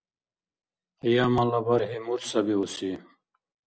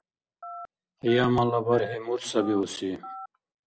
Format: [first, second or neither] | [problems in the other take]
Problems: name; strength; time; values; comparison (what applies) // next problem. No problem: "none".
first | background sound (Telephone); 16 dB below the speech